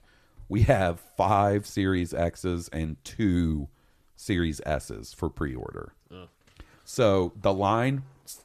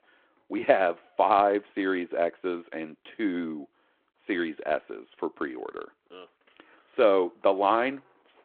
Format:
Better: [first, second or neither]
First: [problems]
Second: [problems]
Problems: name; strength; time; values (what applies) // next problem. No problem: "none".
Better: first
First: none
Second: phone-call audio